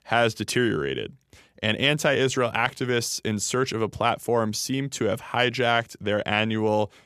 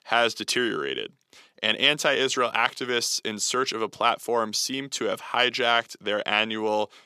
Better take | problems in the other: first | thin; somewhat; fading below 250 Hz

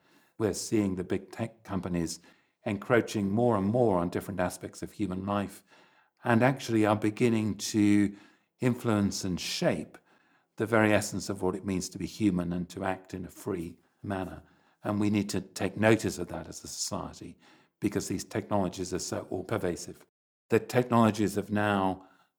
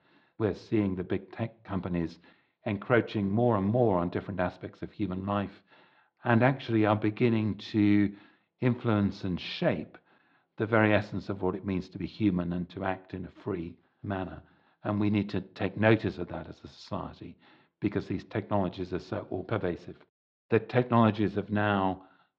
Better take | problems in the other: first | muffled; slightly; fading above 4 kHz

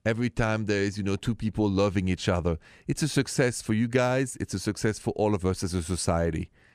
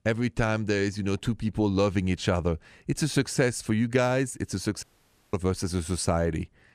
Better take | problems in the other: first | audio cutting out; at 5 s for 0.5 s

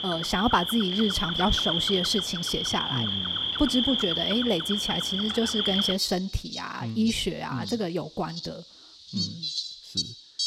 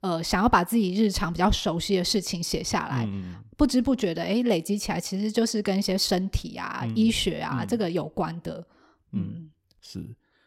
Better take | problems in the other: second | animal sounds; very loud; throughout; 1 dB above the speech

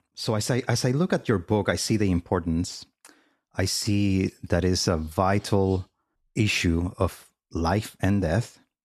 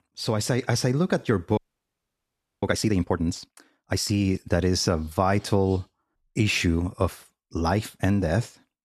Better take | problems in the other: first | audio freezing; at 1.5 s for 1 s

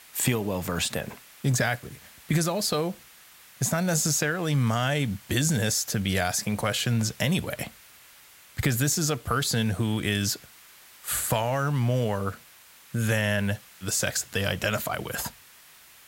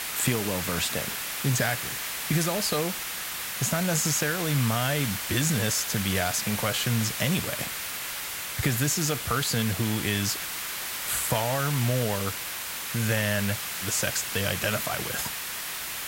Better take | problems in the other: first | hiss; loud; throughout; 3 dB below the speech; faint in the first

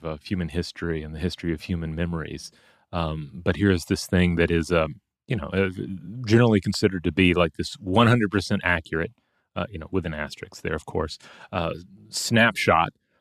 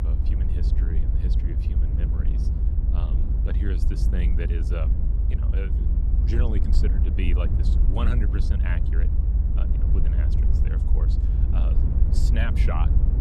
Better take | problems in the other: first | low rumble; loud; throughout; 2 dB below the speech

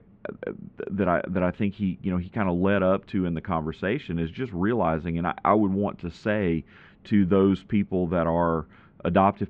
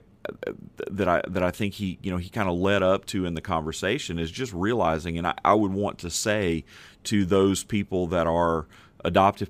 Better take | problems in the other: second | muffled; very; fading above 2.5 kHz

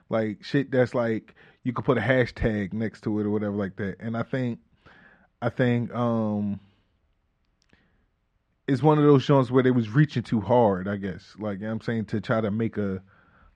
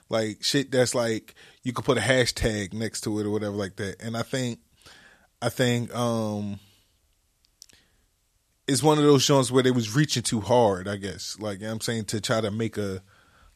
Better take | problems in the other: second | muffled; very; fading above 1.5 kHz

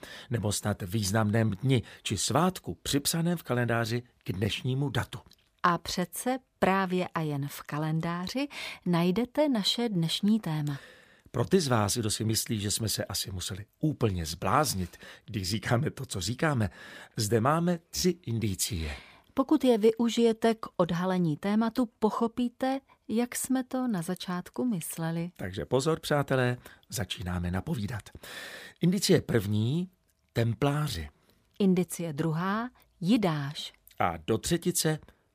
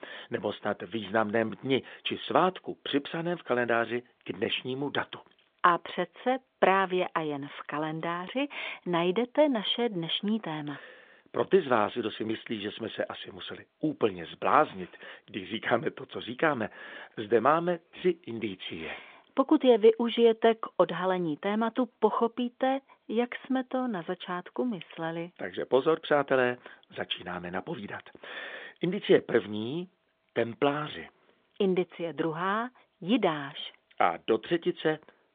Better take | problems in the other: first | phone-call audio; nothing above 3.5 kHz

